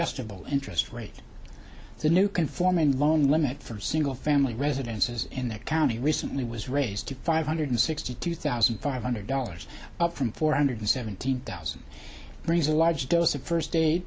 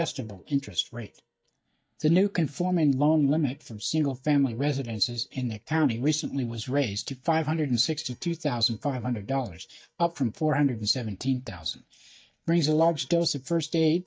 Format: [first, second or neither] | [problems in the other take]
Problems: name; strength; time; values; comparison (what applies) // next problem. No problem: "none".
first | noise reduction (neural mask model DeepFilterNet 3)